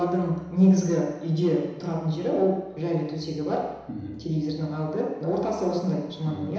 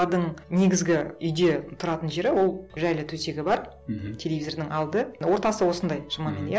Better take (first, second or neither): second